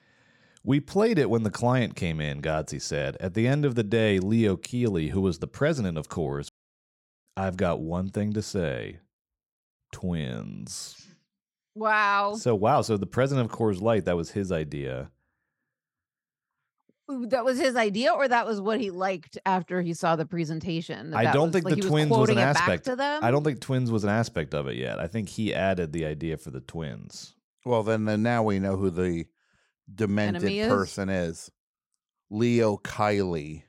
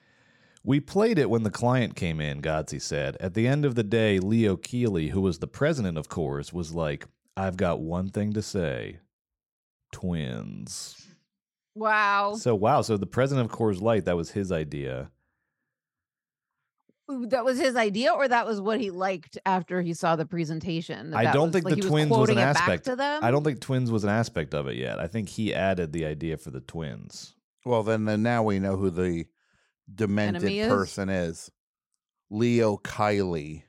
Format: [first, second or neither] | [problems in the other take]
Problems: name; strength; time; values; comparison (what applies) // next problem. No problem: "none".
second | audio cutting out; at 6.5 s for 1 s